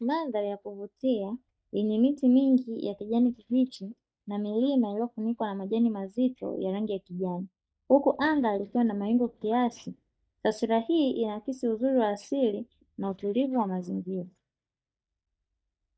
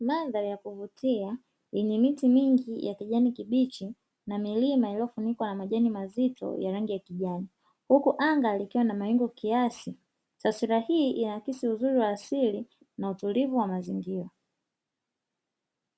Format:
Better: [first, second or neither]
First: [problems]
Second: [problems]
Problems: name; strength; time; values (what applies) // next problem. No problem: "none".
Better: second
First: noise reduction (neural mask model DeepFilterNet 3)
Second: none